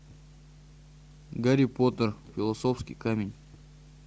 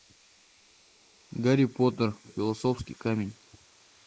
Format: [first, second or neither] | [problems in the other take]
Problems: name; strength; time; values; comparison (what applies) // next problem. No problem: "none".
first | noise reduction (neural mask model Resemble Enhance denoiser)